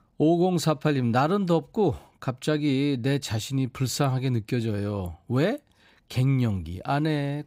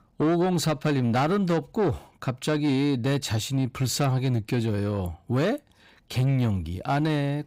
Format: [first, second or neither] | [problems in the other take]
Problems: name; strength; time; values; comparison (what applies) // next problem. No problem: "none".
first | distortion; slight; 10 dB below the speech